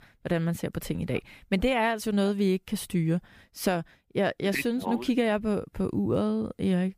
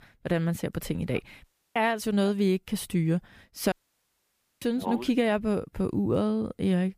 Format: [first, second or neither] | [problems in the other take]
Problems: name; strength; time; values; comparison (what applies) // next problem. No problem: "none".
first | audio cutting out; at 1.5 s and at 3.5 s for 1 s